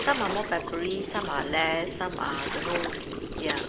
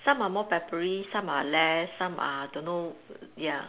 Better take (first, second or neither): second